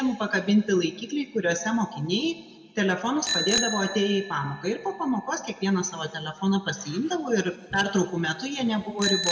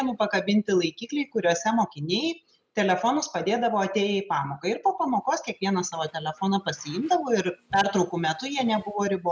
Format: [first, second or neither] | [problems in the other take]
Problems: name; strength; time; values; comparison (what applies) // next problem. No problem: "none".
second | background sound (Bicycle bell); 9 dB below the speech // room echo; dies away in 1.4 s